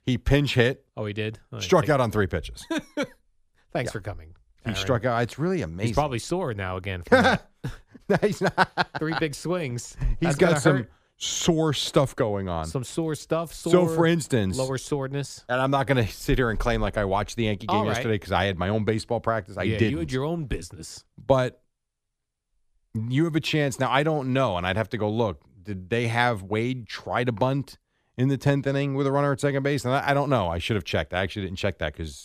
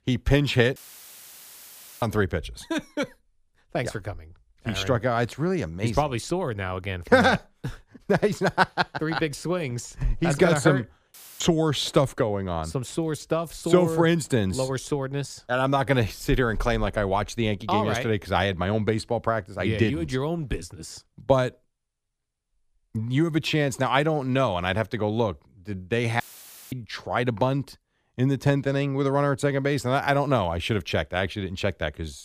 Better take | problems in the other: first | audio cutting out; filled with static; at 1 s for 1.5 s, at 11 s and at 26 s for 0.5 s

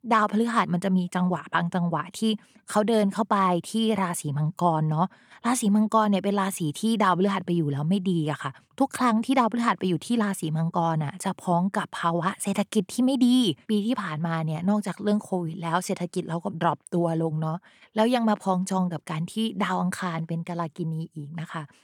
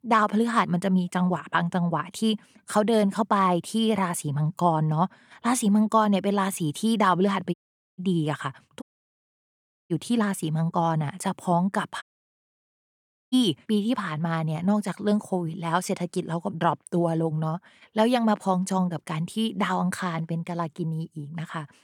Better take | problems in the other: first | audio cutting out; at 7.5 s, at 9 s for 1 s and at 12 s for 1.5 s

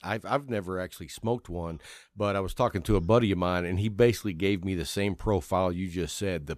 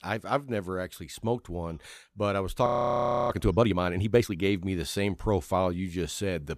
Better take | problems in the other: first | audio freezing; at 2.5 s for 0.5 s

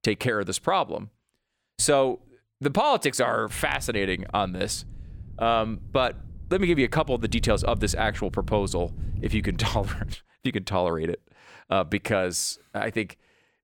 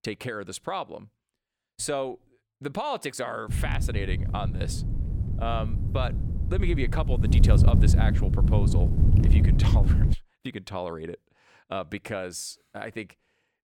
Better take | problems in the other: first | wind noise on the microphone; heavy; from 3.5 to 10 s; 4 dB below the speech; occasional gusts in the first

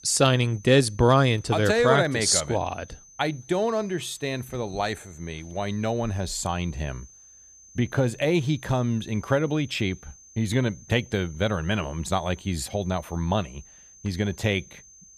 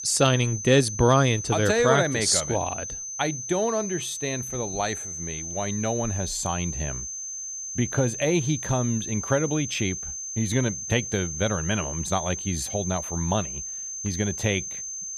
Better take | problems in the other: first | high-pitched whine; loud; throughout; 6.5 kHz, 6 dB below the speech; faint in the first

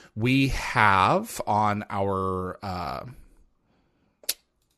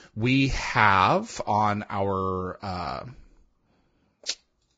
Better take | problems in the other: first | garbled, watery; badly; nothing above 7.5 kHz

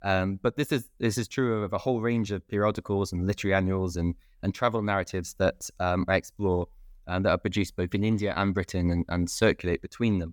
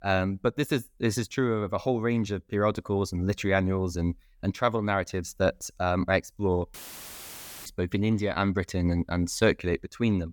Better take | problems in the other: first | audio cutting out; filled with static; at 6.5 s for 1 s

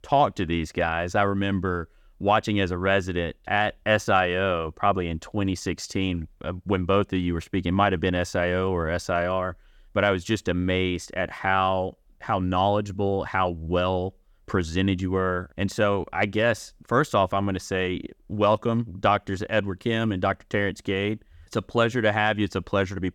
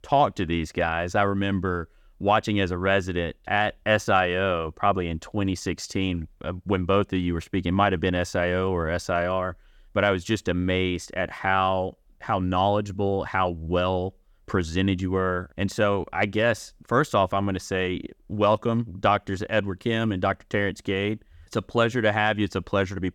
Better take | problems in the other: neither | none

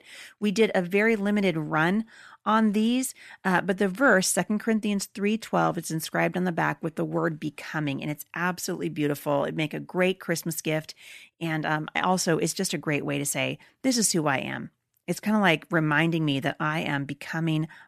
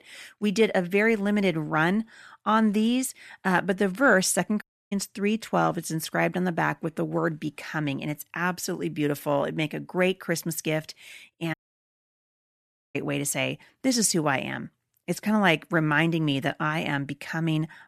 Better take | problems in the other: first | audio cutting out; at 4.5 s and at 12 s for 1.5 s

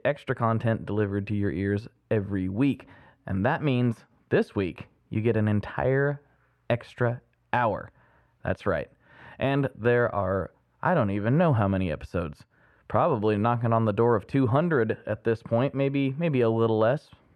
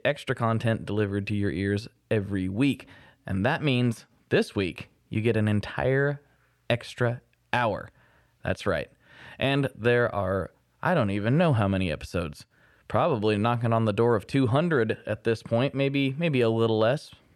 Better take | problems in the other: second | muffled; slightly; fading above 2.5 kHz

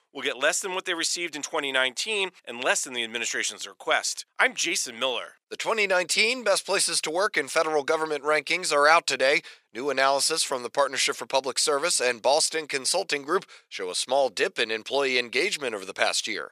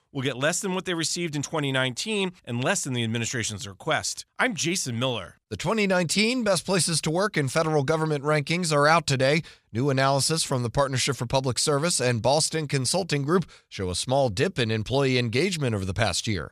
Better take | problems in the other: second | thin; very; fading below 400 Hz

